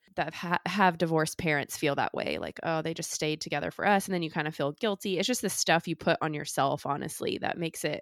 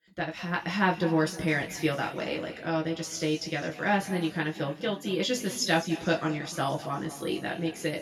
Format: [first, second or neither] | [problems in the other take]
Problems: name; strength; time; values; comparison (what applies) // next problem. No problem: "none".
first | room echo; noticeable; dies away in 1.8 s // off-mic speech; far